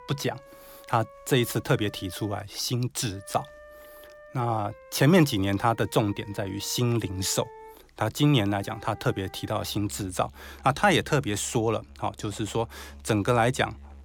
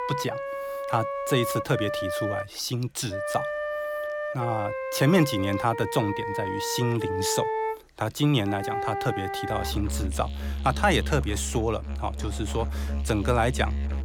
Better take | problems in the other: first | background music; loud; throughout; 4 dB below the speech; faint in the first

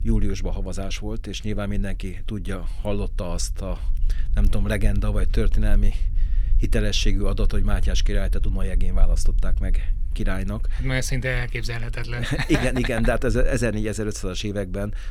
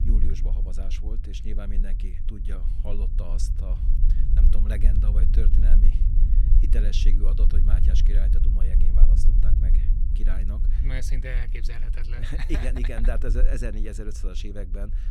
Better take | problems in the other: first | low rumble; loud; throughout; 6 dB below the speech; faint in the first

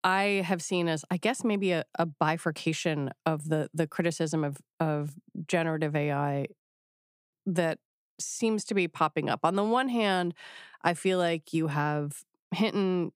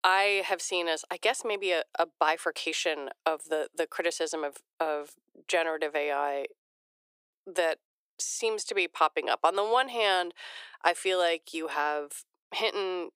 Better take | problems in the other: first | thin; very; fading below 400 Hz

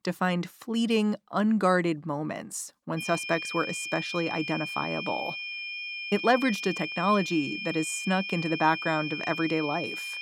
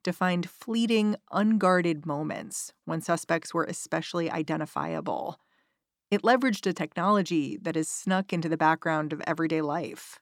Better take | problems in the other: second | high-pitched whine; loud; from 3 s on; 2.5 kHz, 5 dB below the speech

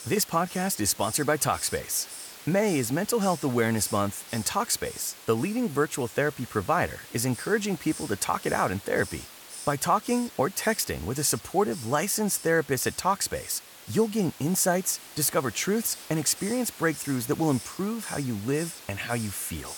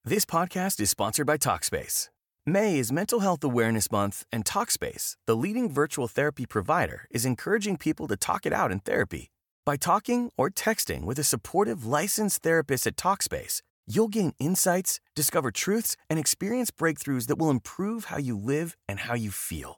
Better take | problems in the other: second | hiss; noticeable; throughout; 15 dB below the speech

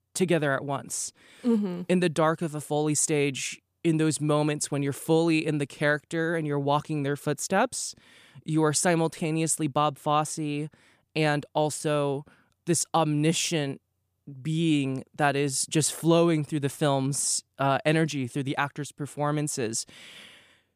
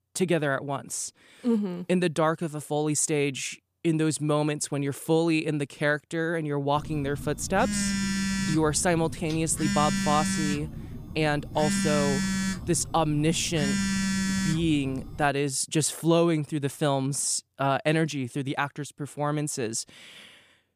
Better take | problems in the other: first | phone ringing; loud; from 7 to 15 s; peak 1 dB above the speech

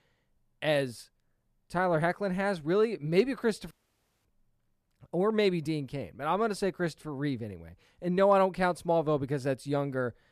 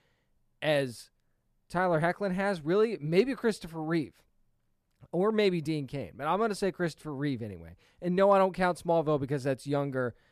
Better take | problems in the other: second | audio cutting out; at 3.5 s for 0.5 s

